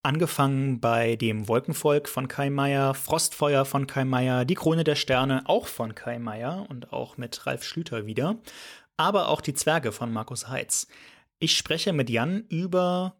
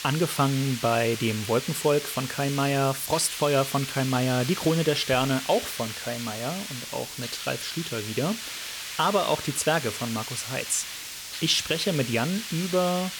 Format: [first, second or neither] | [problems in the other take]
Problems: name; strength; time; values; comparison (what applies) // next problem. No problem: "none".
first | hiss; loud; throughout; 7 dB below the speech